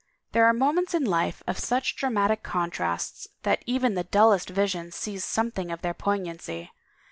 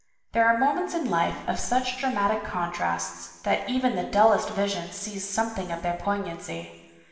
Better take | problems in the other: first | room echo; dies away in 1.4 s

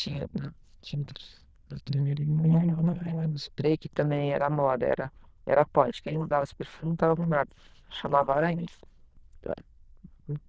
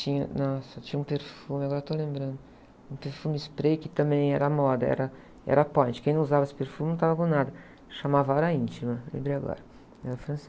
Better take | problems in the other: second | noise reduction (neural diffusion model UNIVERSE++)

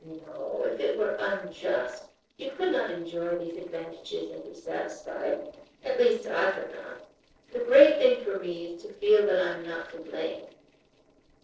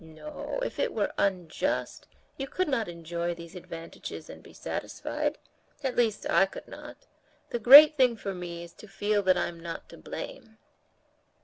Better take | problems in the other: second | noise reduction (neural separator model SepFormer DNS4)

